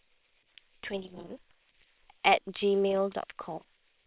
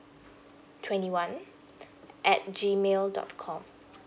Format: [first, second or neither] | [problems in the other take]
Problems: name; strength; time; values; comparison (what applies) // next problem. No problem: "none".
second | noise reduction (neural separator model SepFormer WHAM!)